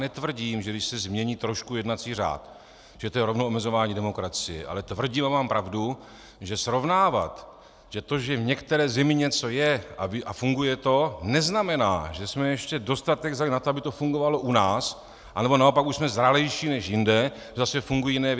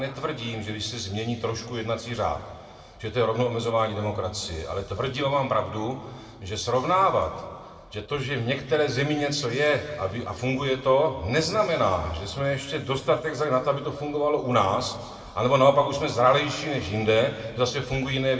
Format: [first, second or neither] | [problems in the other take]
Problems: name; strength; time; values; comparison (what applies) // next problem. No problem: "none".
first | room echo; dies away in 1.9 s